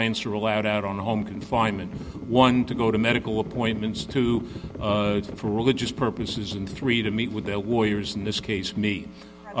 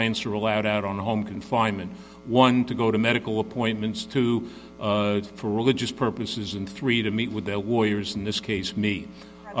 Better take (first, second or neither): second